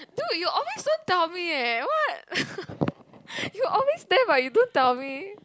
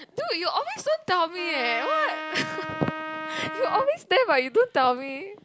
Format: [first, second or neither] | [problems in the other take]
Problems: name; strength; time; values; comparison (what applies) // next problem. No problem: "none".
first | background sound (Trumpet); 11 dB below the speech